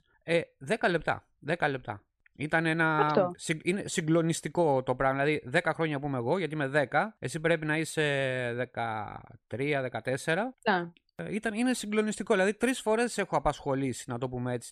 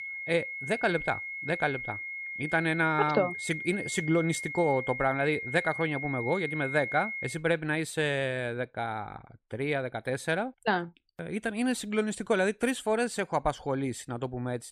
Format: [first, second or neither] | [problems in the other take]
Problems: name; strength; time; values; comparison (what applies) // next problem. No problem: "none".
first | high-pitched whine; loud; until 7.5 s; 2 kHz, 5 dB below the speech